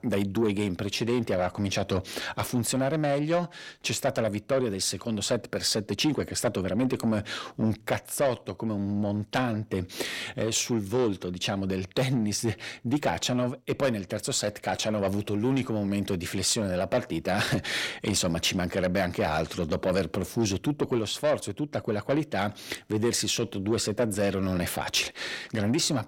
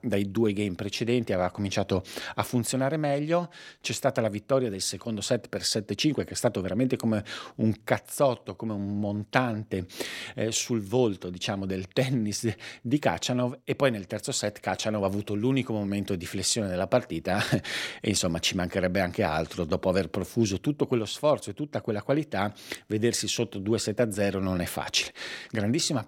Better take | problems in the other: second | distortion; slight; 10 dB below the speech

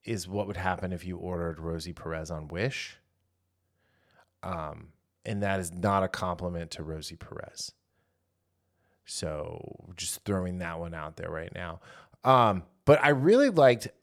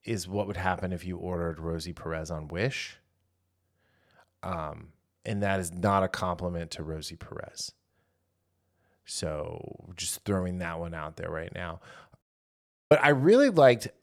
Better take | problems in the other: first | audio cutting out; at 12 s for 0.5 s

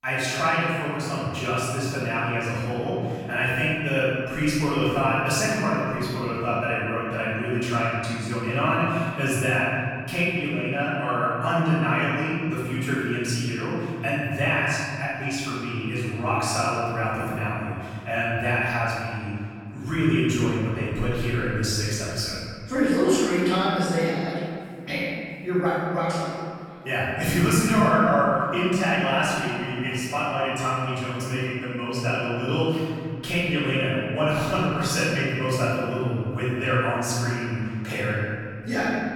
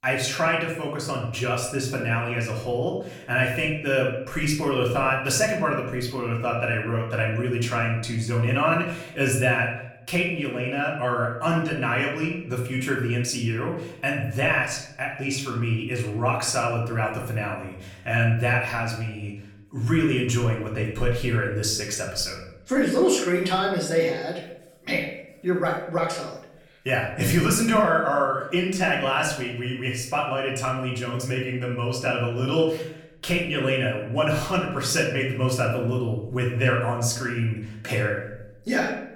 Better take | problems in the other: second | room echo; strong; dies away in 2.4 s; slight in the second // off-mic speech; far; far in the second

